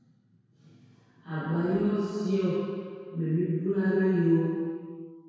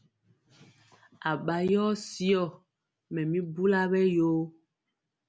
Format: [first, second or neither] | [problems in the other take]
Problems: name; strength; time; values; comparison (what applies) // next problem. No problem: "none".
second | room echo; dies away in 2 s